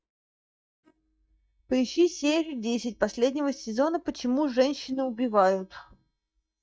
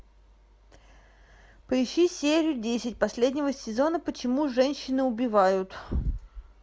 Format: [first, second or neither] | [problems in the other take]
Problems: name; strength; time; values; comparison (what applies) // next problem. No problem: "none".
second | noise reduction (neural mask model DeepFilterNet 3)